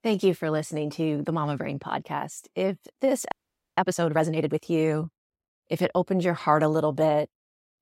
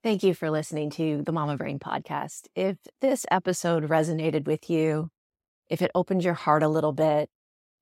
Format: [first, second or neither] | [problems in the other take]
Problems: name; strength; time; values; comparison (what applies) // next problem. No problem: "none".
second | audio freezing; at 3.5 s